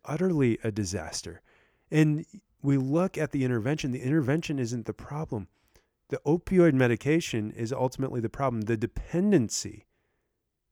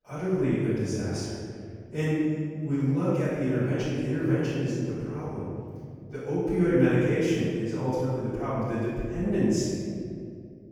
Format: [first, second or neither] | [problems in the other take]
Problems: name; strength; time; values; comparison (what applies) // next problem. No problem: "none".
first | room echo; strong; dies away in 2.2 s // off-mic speech; far